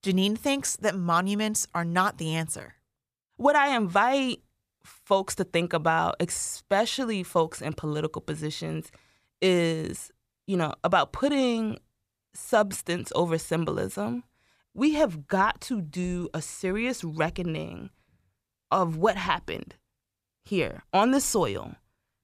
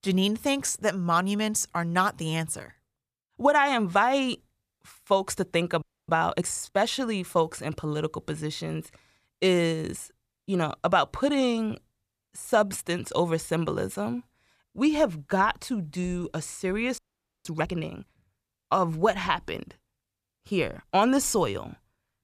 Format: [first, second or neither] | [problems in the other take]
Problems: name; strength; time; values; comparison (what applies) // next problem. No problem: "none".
first | audio freezing; at 6 s and at 17 s